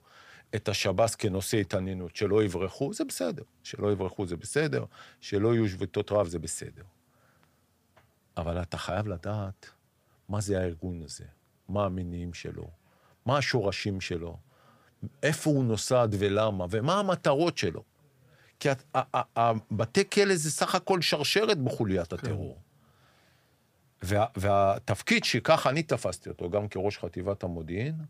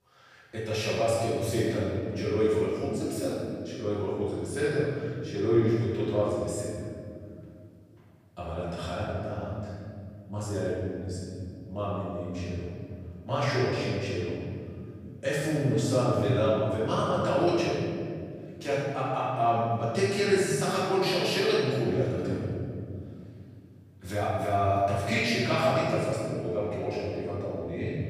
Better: first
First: none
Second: room echo; strong; dies away in 2.4 s // off-mic speech; far

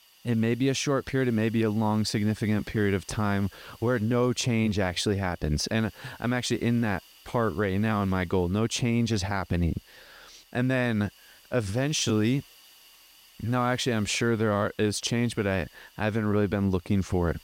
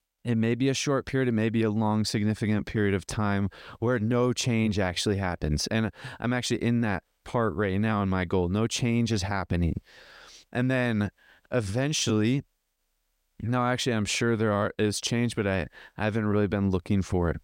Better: second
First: hiss; faint; throughout; 25 dB below the speech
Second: none

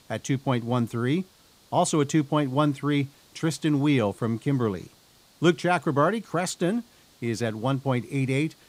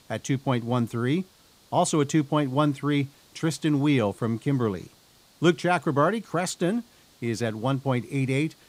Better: neither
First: hiss; faint; throughout; 30 dB below the speech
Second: hiss; faint; throughout; 30 dB below the speech

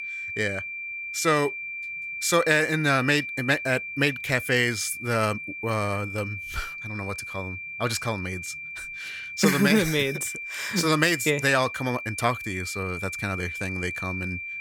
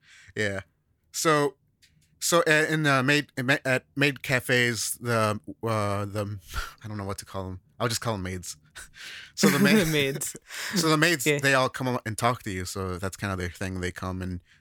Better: second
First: high-pitched whine; loud; throughout; 2.5 kHz, 7 dB below the speech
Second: none

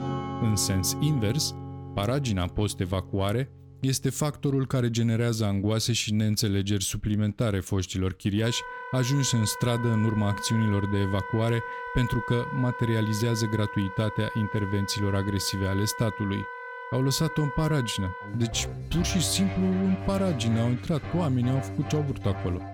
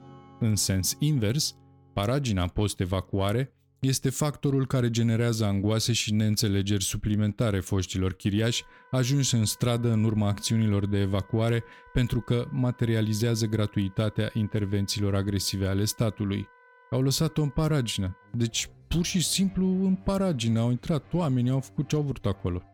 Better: second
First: background music; loud; throughout; 9 dB below the speech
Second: background music; faint; throughout; 25 dB below the speech

